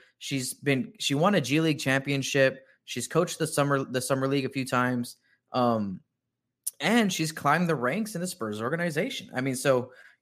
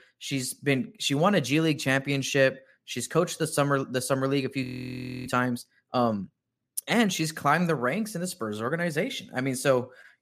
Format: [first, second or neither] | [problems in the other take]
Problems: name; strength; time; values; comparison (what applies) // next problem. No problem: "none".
first | audio freezing; at 4.5 s for 0.5 s